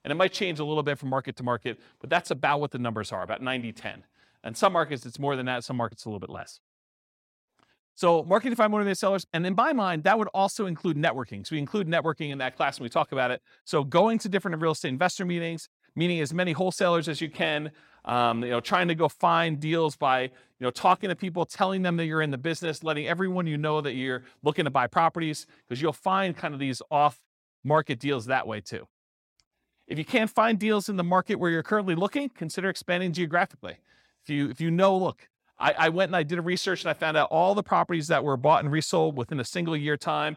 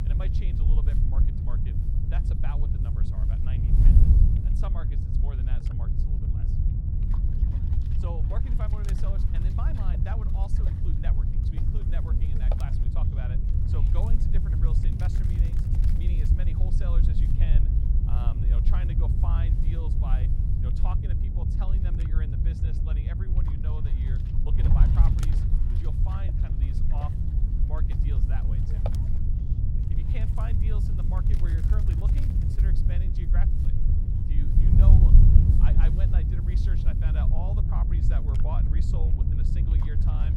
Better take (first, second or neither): first